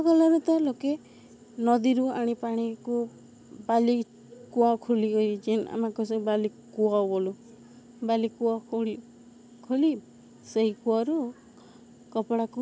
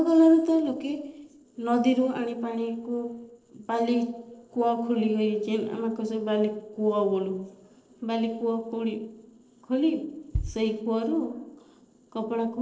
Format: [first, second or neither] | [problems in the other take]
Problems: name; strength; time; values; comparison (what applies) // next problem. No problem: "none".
first | noise reduction (neural separator model SepFormer DNS4)